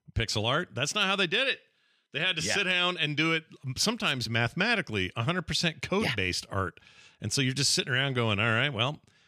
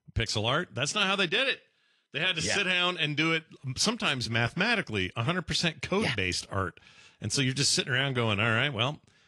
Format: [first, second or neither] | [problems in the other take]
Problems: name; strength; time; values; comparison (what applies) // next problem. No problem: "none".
first | garbled, watery; slightly